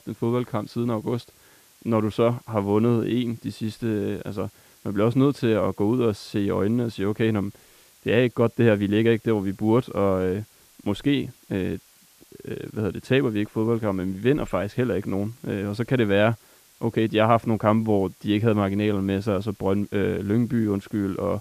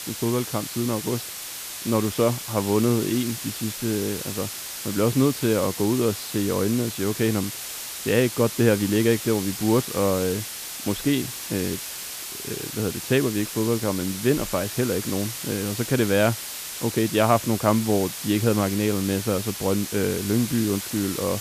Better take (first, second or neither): first